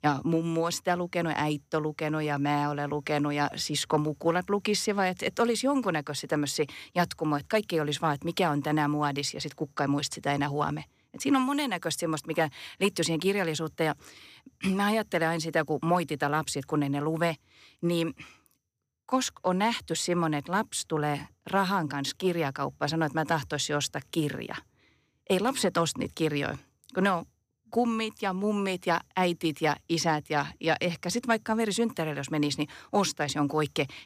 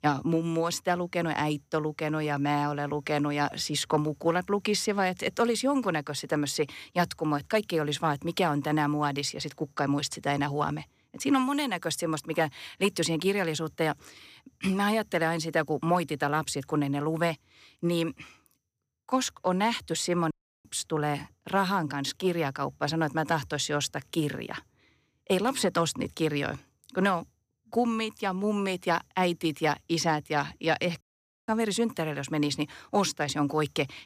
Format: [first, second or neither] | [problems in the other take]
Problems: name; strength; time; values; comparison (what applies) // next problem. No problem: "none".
first | audio cutting out; at 20 s and at 31 s